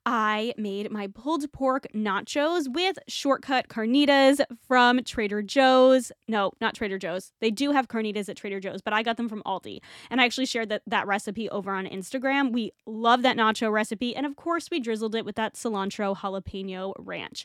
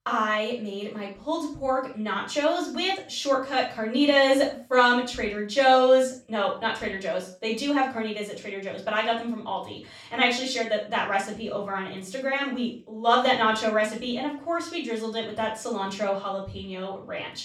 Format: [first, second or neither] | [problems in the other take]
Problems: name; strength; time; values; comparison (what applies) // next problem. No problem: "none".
first | room echo; noticeable; dies away in 0.3 s // off-mic speech; far